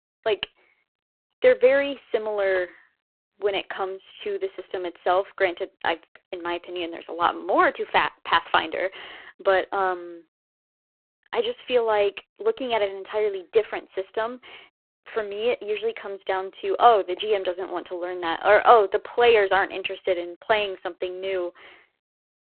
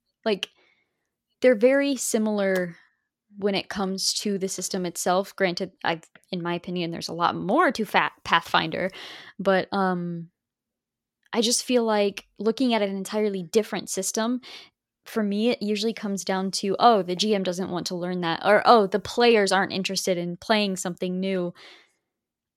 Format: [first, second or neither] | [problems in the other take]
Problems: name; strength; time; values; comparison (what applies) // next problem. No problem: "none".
second | phone-call audio; poor line